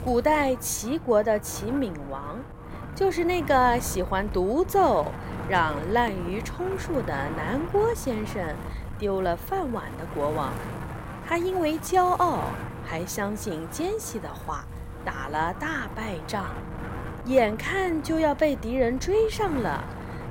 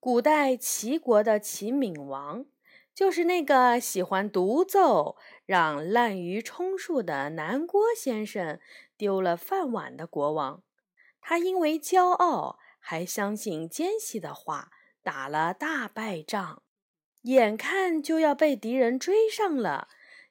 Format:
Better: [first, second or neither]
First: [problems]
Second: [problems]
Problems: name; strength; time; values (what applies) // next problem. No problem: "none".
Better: second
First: wind noise on the microphone; occasional gusts; 15 dB below the speech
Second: none